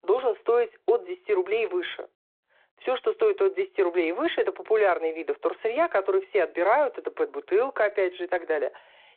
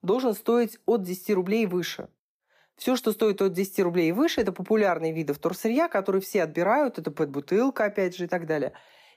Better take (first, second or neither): second